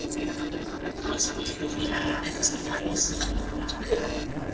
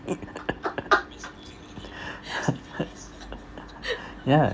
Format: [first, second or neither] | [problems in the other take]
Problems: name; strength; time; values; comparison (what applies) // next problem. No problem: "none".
second | noise reduction (neural separator model SepFormer DNS4)